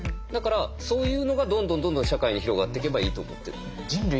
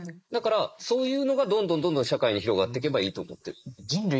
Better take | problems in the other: first | noise reduction (neural mask model Resemble Enhance denoiser)

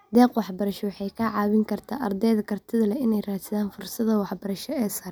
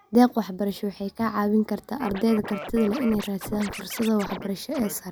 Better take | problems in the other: first | background sound (Scratching (performance technique)); 12 dB below the speech

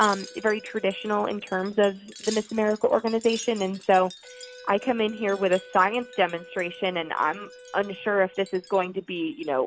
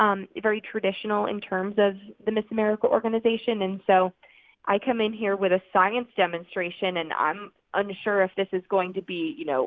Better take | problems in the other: second | background sound (Wind chime + Wind instrument, woodwind instrument); 18 dB below the speech

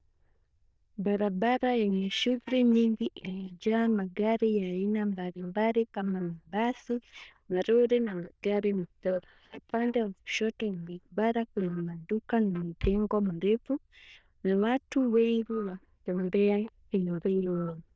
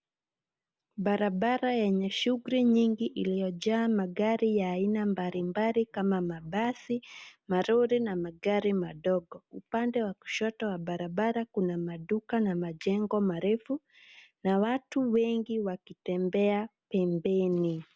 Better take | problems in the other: second | noise reduction (neural diffusion model UNIVERSE++)

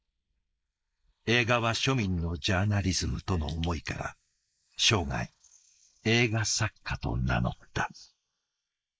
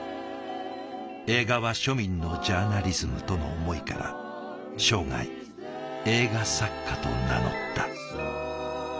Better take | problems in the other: second | noise reduction (neural mask model Resemble Enhance denoiser)

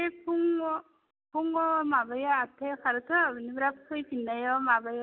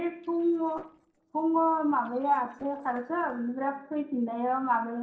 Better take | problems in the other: first | noise reduction (neural separator model SepFormer DNS4)

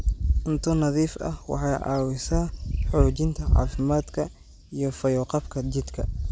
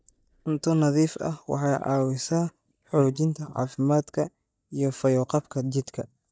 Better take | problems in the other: first | noise reduction (neural mask model DeepFilterNet 3)

